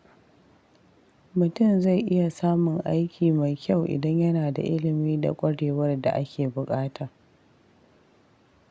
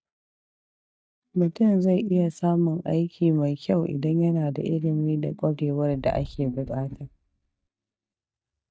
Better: first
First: none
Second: noise reduction (neural mask model DeepFilterNet 3)

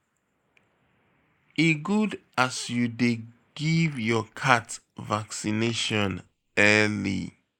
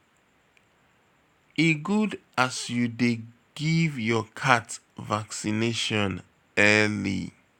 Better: second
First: noise reduction (neural mask model Resemble Enhance denoiser)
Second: none

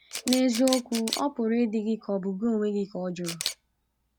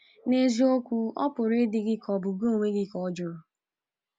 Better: second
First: background sound (Camera); 10 dB below the speech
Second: none

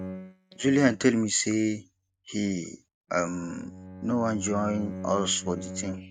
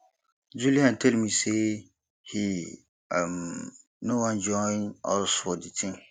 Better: second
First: noise reduction (neural mask model RNNoise)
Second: none

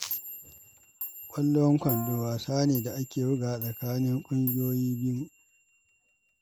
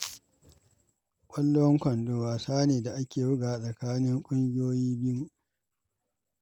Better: second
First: background sound (Clock + Brass instrument); 12 dB below the speech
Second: none

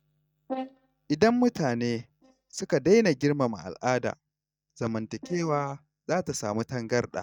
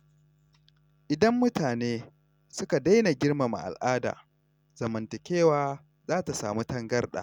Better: second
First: noise reduction (neural mask model DeepFilterNet 3)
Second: none

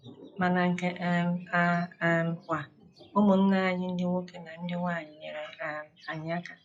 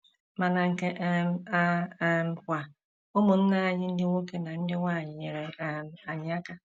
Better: second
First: noise reduction (classical method log-MMSE)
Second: none

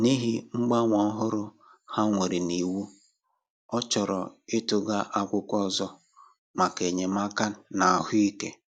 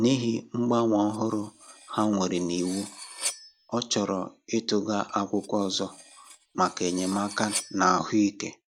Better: first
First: none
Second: background sound (Cutlery, silverware); 14 dB below the speech

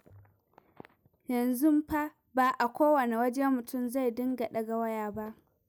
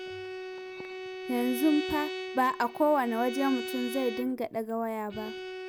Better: first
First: none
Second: background sound (Bowed string instrument); 8 dB below the speech

